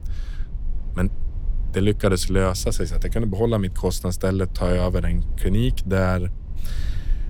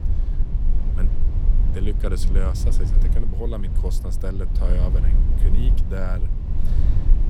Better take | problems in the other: first | low rumble; loud; throughout; 5 dB below the speech; faint in the first

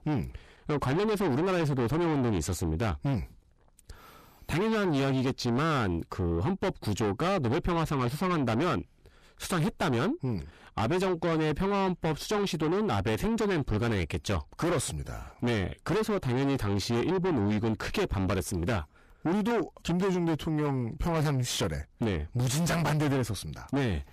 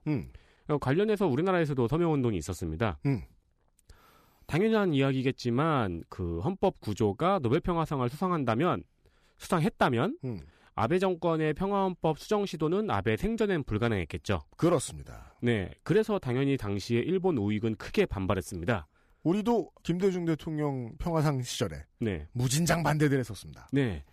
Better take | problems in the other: second | distortion; heavy; 6 dB below the speech

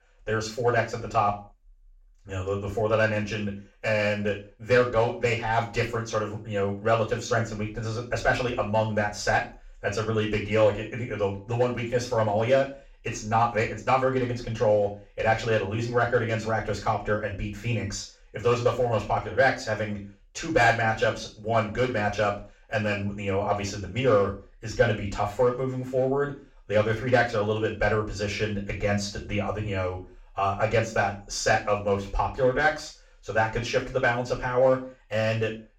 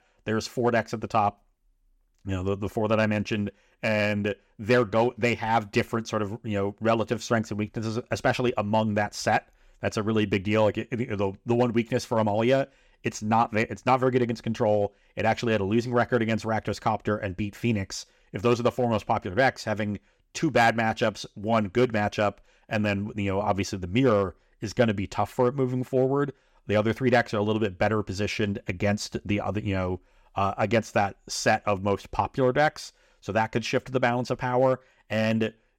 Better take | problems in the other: second | room echo; slight; dies away in 0.3 s // off-mic speech; far

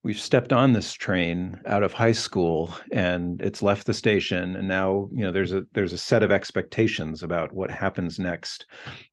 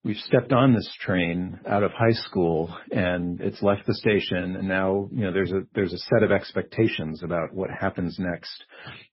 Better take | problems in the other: first | garbled, watery; badly; nothing above 5.5 kHz

